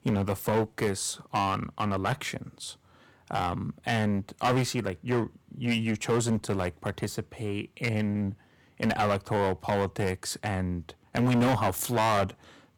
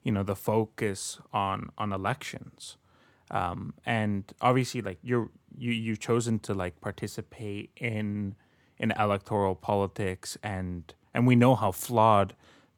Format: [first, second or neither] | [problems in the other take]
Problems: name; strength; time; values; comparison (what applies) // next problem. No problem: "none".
second | distortion; heavy; 9% of the sound clipped